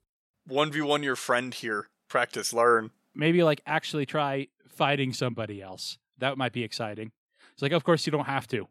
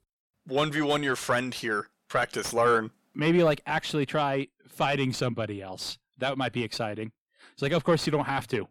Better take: first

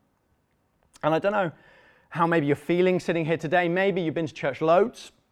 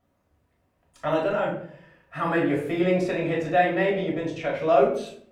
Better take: first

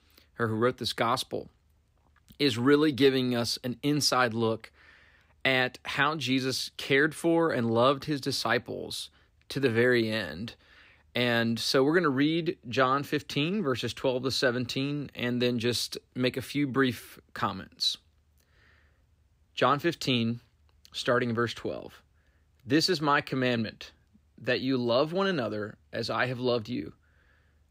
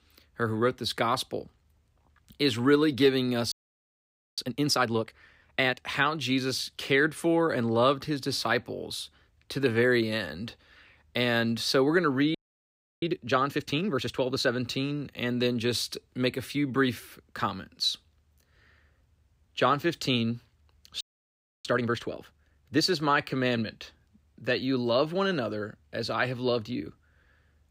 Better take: first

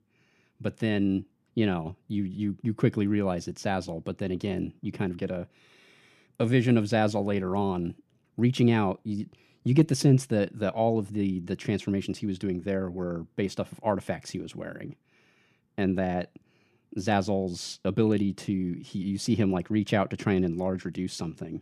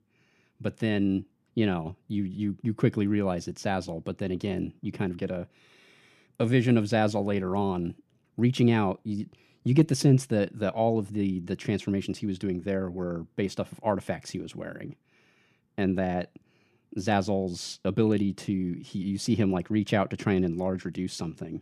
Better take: neither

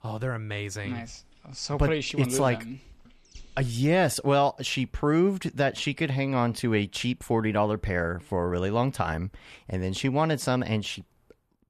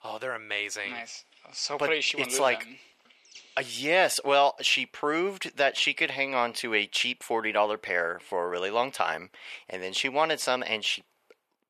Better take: first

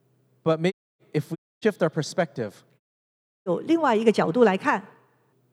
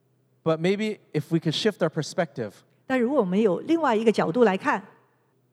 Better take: second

